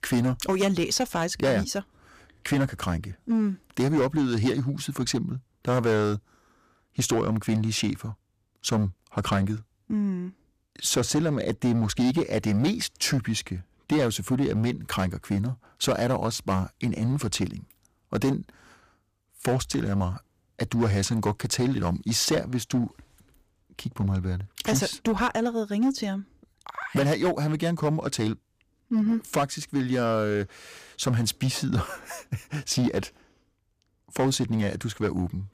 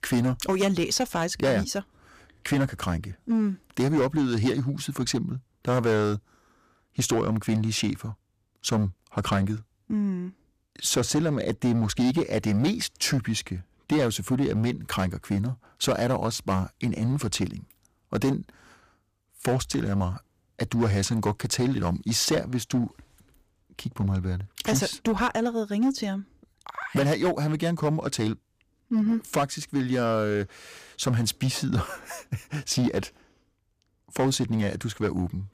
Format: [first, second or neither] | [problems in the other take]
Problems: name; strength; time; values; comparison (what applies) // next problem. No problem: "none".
neither | distortion; slight; 6% of the sound clipped; the same in both